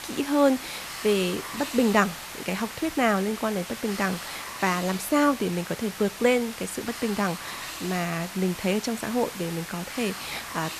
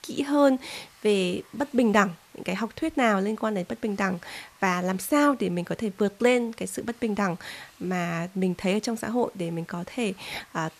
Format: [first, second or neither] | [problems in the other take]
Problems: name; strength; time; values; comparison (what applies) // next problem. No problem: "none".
second | hiss; loud; throughout; 9 dB below the speech; faint in the second